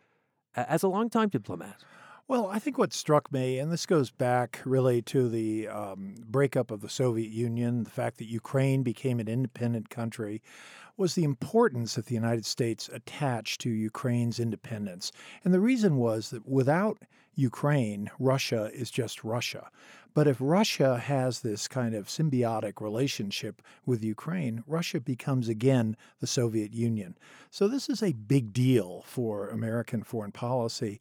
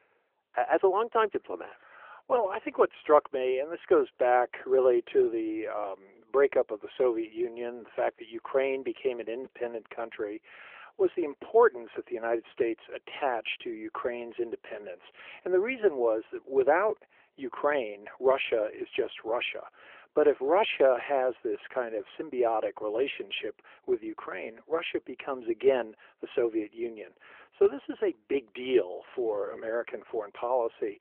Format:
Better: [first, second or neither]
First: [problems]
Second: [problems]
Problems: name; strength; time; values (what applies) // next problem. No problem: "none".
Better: first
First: none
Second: phone-call audio; nothing above 3.5 kHz